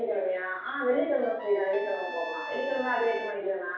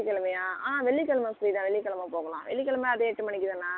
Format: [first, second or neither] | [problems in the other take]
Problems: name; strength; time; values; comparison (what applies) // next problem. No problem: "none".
second | background sound (Trumpet); 12 dB below the speech // room echo; dies away in 0.7 s